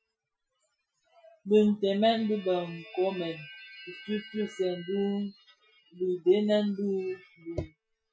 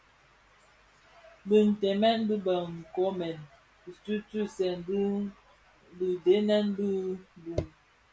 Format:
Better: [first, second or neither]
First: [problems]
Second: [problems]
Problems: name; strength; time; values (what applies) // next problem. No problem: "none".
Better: second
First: noise reduction (classical method Wiener filter)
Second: none